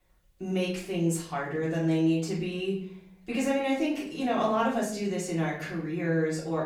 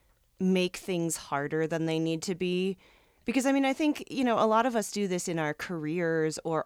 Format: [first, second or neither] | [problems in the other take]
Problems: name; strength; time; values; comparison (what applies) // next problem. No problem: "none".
second | off-mic speech; far // room echo; noticeable; dies away in 0.6 s